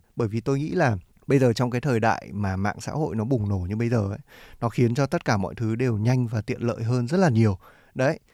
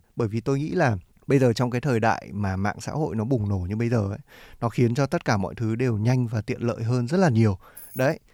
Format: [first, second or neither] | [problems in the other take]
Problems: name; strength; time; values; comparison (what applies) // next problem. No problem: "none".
first | jangling keys; faint; at 7.5 s; peak 15 dB below the speech